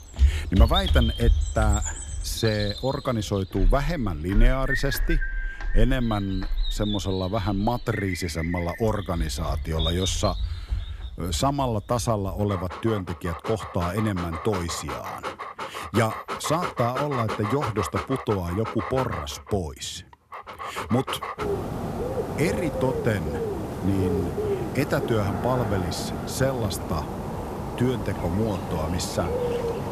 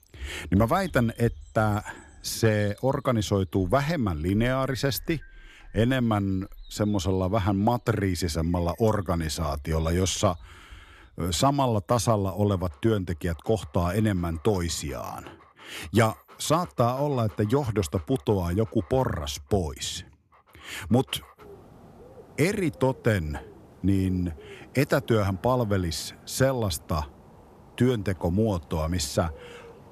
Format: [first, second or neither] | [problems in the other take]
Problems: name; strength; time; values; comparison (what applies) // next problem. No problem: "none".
second | animal sounds; loud; throughout; 3 dB below the speech; faint in the second